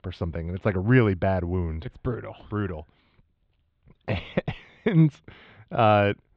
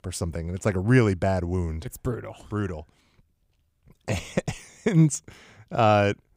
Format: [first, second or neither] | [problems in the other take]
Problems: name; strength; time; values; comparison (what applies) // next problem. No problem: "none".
second | muffled; very; fading above 3.5 kHz